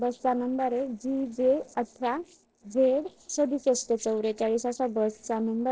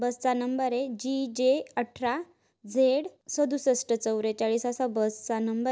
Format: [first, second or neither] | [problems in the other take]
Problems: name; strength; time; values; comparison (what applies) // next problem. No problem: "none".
second | noise reduction (neural separator model SepFormer DNS4)